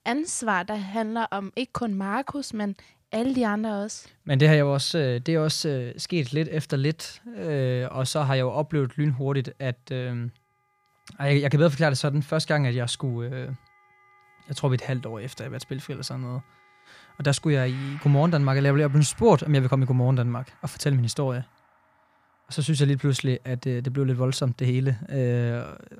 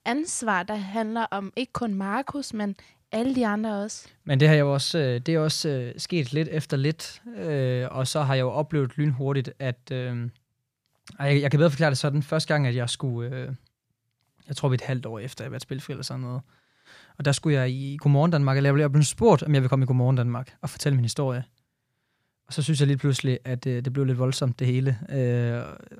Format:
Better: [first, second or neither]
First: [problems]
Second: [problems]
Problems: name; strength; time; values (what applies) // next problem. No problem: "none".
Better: second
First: background music; faint; throughout; 25 dB below the speech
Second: none